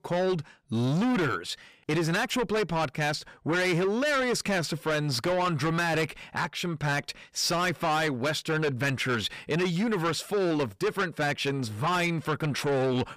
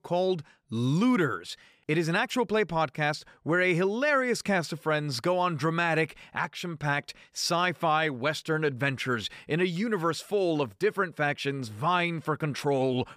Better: second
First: distortion; heavy; 8 dB below the speech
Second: none

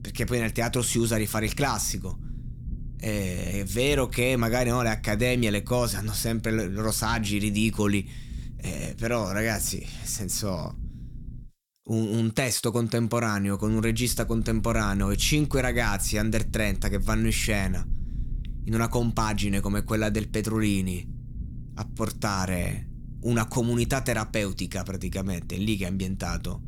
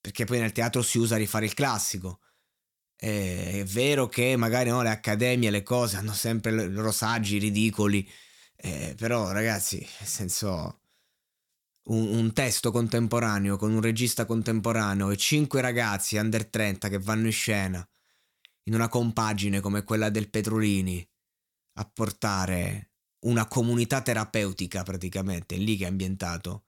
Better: second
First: low rumble; faint; until 11 s and from 14 s on; 25 dB below the speech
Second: none

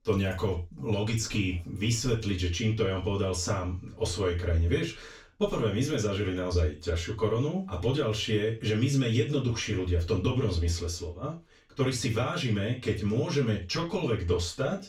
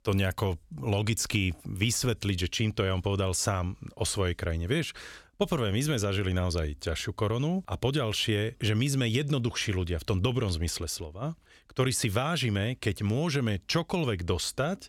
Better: second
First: room echo; slight; dies away in 0.2 s // off-mic speech; far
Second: none

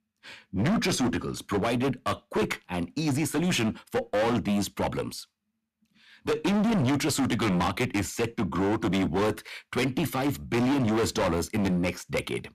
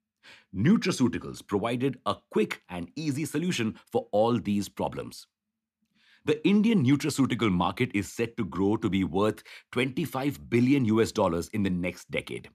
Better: second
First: distortion; heavy; 21% of the sound clipped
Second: none

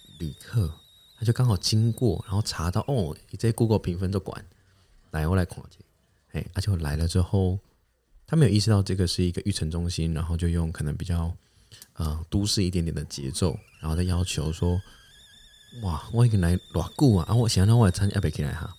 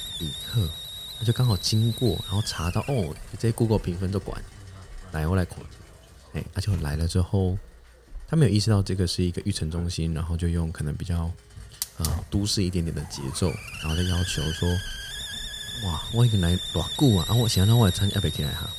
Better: first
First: hiss; faint; throughout; 25 dB below the speech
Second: hiss; loud; throughout; 7 dB below the speech

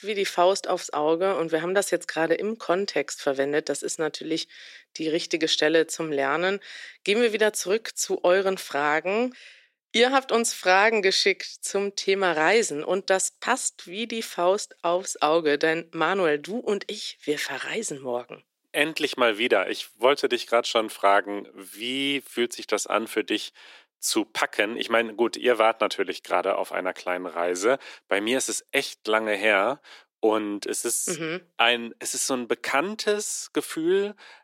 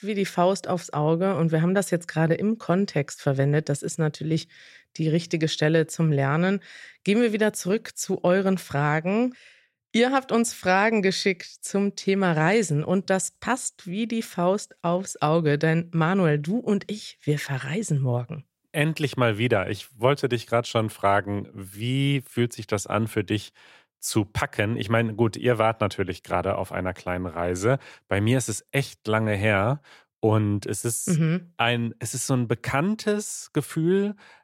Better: second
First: thin; somewhat; fading below 300 Hz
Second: none

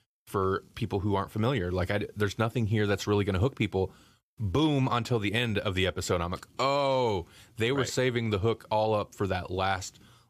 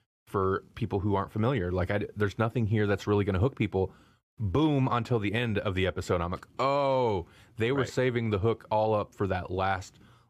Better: first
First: none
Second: muffled; slightly; fading above 3 kHz

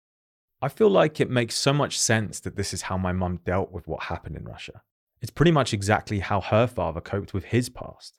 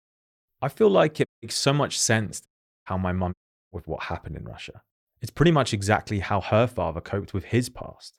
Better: first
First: none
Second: audio cutting out; at 1.5 s, at 2.5 s and at 3.5 s

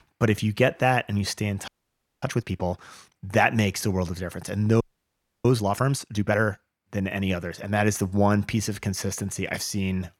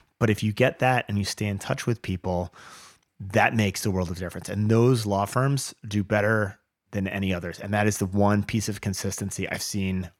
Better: second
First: audio freezing; at 1.5 s for 0.5 s and at 5 s for 0.5 s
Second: none

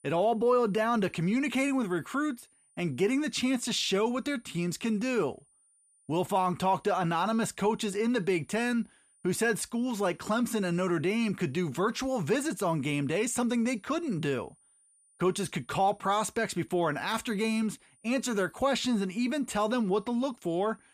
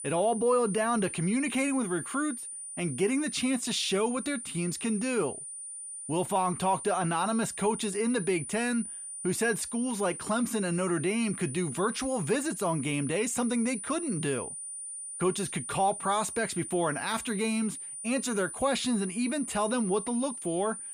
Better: first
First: high-pitched whine; faint; throughout; 9.5 kHz, 35 dB below the speech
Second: high-pitched whine; loud; throughout; 9.5 kHz, 8 dB below the speech

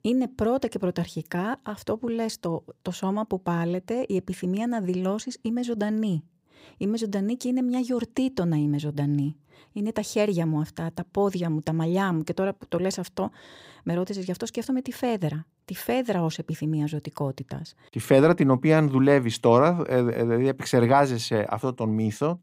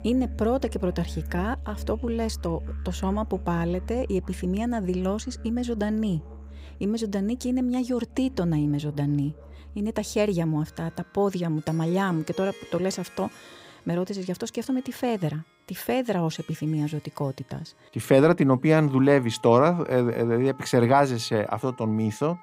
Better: first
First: none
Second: background music; noticeable; throughout; 15 dB below the speech

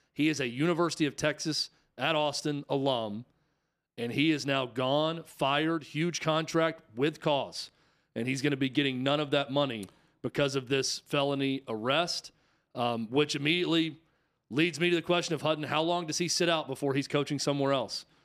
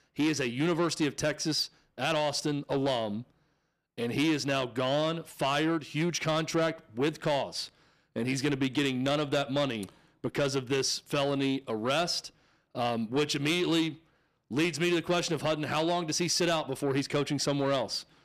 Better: first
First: none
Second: distortion; slight; 10 dB below the speech

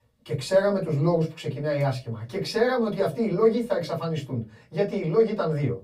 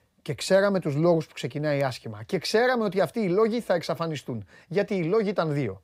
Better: second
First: off-mic speech; far // room echo; very slight; dies away in 0.2 s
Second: none

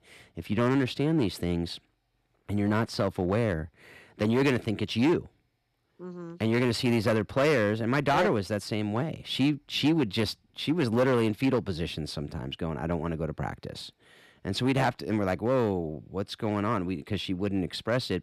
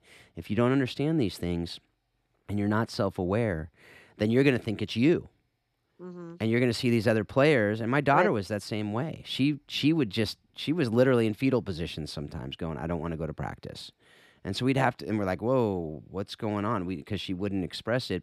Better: second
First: distortion; slight; 5% of the sound clipped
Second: none

